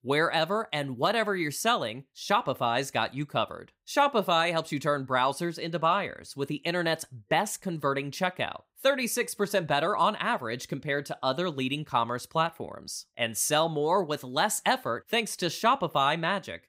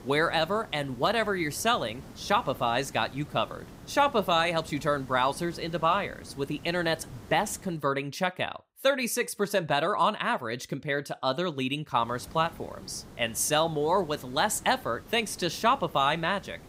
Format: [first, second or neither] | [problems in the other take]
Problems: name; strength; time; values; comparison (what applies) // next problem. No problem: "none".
first | hiss; noticeable; until 7.5 s and from 12 s on; 20 dB below the speech